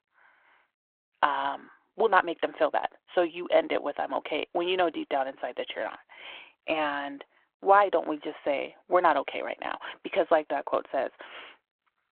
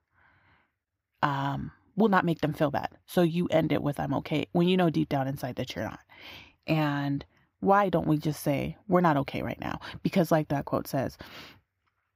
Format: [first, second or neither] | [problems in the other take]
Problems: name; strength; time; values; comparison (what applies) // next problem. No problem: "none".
second | phone-call audio